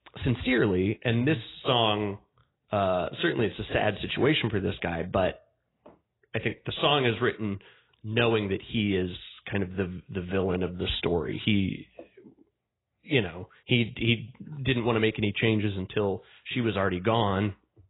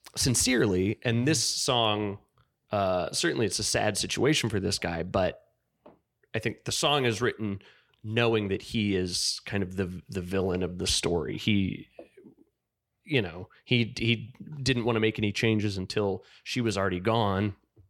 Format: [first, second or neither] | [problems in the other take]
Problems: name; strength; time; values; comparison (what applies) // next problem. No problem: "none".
second | garbled, watery; badly; nothing above 4 kHz